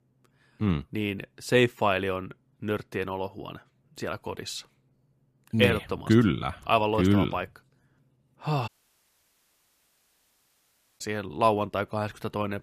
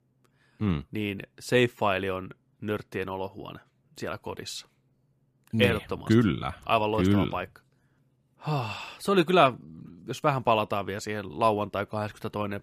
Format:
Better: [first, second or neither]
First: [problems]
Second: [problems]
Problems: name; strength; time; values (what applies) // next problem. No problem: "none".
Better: second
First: audio cutting out; at 8.5 s for 2.5 s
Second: none